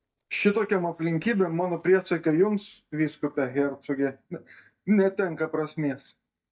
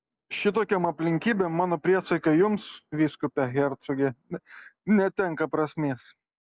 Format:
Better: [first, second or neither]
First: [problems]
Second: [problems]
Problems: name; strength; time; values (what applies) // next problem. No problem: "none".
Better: second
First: noise reduction (neural mask model DeepFilterNet 3)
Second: none